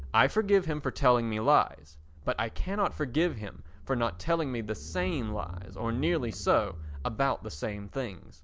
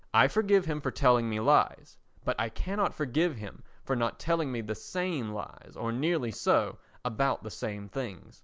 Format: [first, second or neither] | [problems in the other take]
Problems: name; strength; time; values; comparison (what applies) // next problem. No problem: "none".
second | background sound (Engine / Car + Boom); 13 dB below the speech